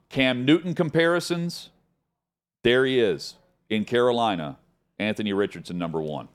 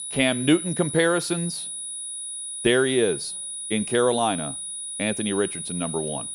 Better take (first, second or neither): first